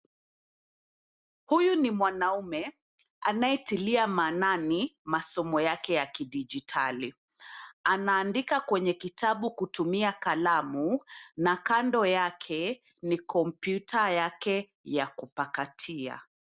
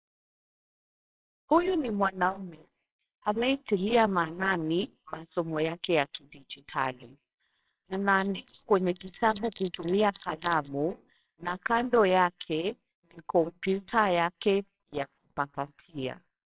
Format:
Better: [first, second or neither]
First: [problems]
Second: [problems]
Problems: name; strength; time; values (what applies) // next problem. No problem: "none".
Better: first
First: none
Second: noise reduction (neural separator model SepFormer WHAMR!)